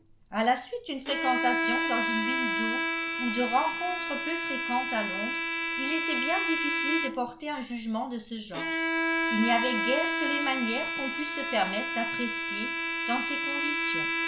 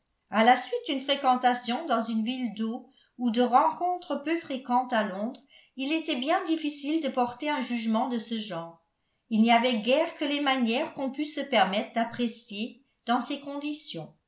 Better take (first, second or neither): second